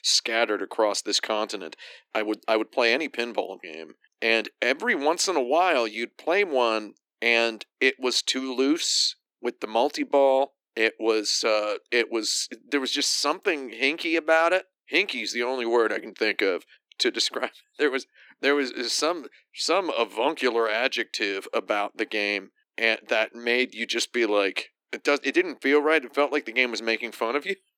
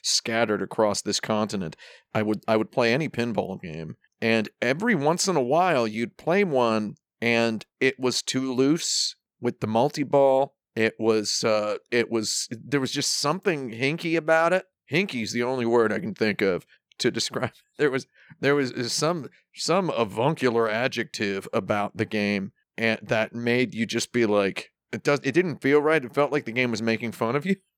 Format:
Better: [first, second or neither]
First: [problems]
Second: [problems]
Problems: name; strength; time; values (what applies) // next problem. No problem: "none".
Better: second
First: thin; very slightly; fading below 300 Hz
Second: none